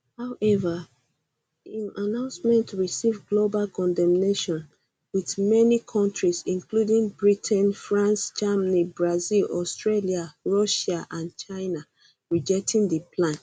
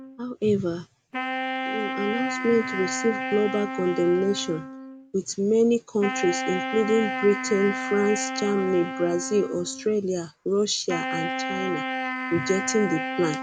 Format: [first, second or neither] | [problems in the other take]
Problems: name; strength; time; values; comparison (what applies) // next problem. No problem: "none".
first | background sound (Wind instrument, woodwind instrument); 6 dB below the speech